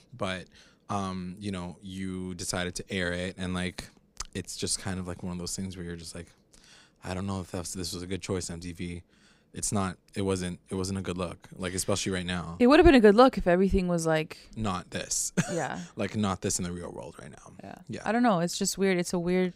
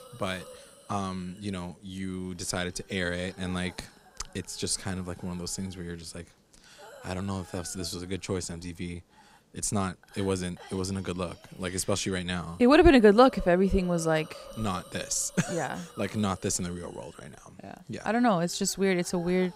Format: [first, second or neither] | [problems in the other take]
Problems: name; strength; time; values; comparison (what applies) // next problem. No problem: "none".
first | hiss; faint; throughout; 20 dB below the speech